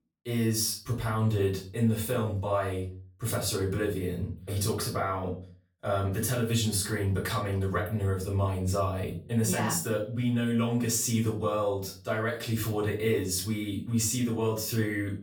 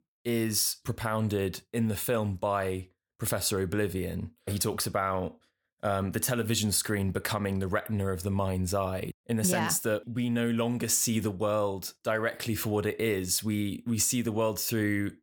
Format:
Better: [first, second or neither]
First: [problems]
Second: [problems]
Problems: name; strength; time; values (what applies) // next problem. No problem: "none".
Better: second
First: room echo; slight; dies away in 0.3 s // off-mic speech; far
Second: none